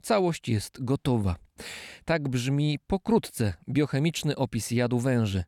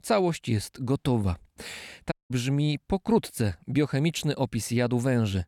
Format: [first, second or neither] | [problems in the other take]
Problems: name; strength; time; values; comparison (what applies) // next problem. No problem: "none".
first | audio cutting out; at 2 s